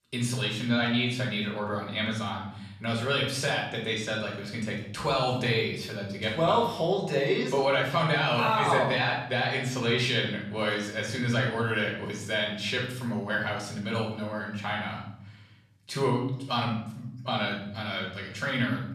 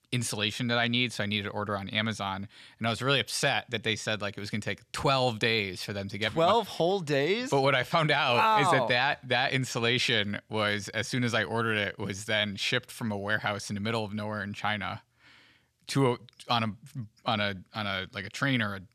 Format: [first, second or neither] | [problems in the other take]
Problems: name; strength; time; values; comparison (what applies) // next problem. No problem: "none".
second | off-mic speech; far // room echo; noticeable; dies away in 0.8 s